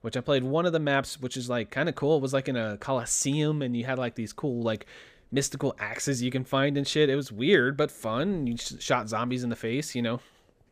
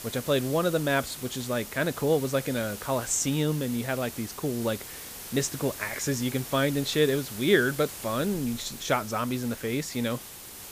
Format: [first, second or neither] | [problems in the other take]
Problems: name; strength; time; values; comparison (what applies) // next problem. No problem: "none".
first | hiss; noticeable; throughout; 10 dB below the speech